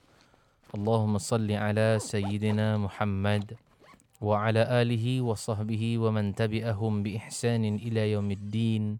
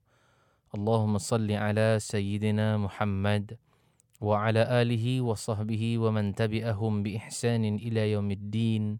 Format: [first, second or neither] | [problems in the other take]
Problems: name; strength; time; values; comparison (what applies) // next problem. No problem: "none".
second | household noises; faint; throughout; 25 dB below the speech